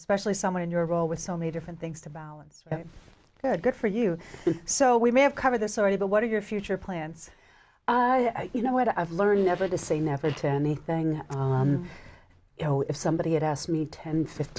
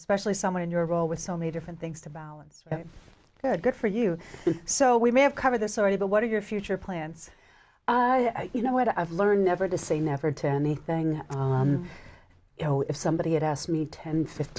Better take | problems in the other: second | background sound (Fart); 19 dB below the speech

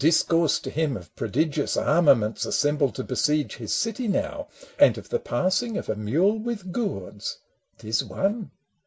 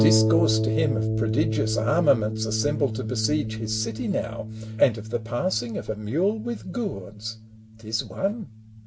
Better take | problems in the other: first | background sound (Harp); 1 dB below the speech

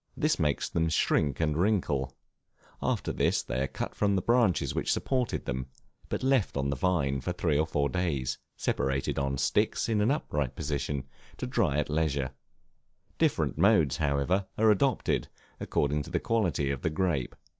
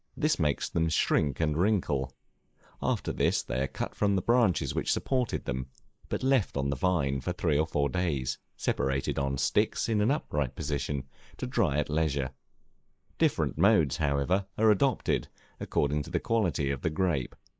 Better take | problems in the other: first | noise reduction (neural mask model Resemble Enhance denoiser)

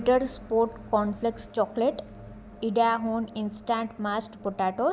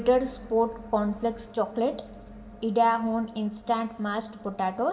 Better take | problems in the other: first | room echo; dies away in 1.5 s

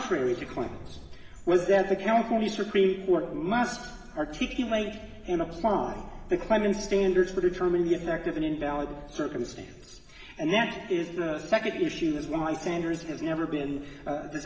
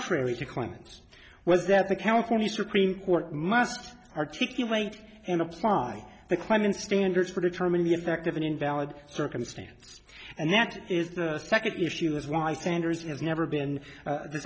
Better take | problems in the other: second | background sound (Sliding door); 18 dB below the speech // room echo; dies away in 2.6 s

